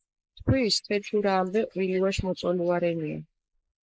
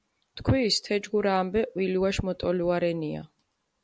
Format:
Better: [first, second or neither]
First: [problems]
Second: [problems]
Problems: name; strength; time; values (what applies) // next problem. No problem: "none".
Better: second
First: noise reduction (neural mask model Resemble Enhance denoiser)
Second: none